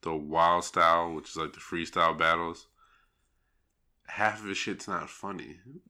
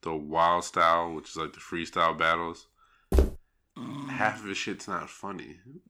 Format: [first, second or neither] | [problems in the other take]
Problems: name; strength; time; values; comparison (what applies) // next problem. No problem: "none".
first | footsteps; loud; at 3 s; peak 1 dB above the speech // dog barking; noticeable; at 4 s; peak 10 dB below the speech